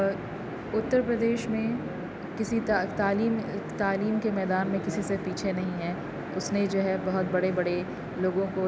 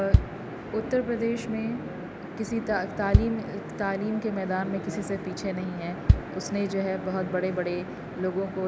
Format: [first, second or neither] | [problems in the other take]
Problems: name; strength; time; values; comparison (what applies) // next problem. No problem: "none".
first | background sound (Bass drum); 1 dB below the speech